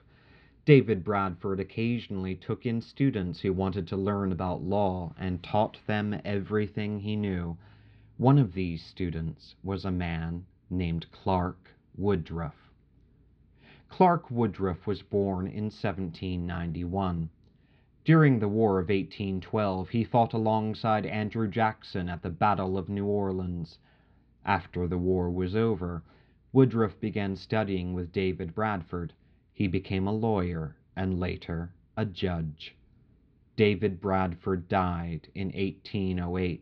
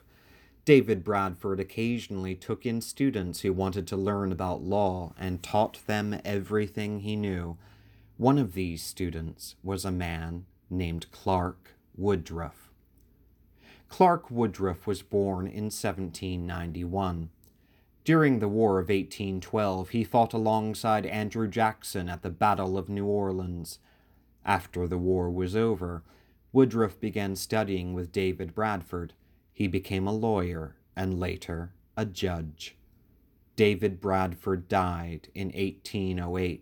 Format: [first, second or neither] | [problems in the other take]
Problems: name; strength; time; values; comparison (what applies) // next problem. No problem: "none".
second | muffled; very slightly; fading above 4 kHz